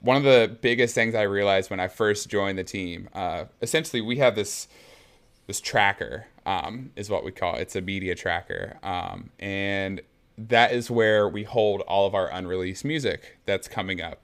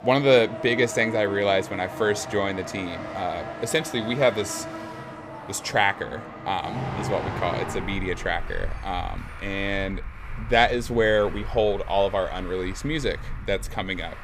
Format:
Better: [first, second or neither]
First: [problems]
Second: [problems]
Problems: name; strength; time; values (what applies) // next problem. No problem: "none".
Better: first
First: none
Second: traffic noise; noticeable; throughout; 10 dB below the speech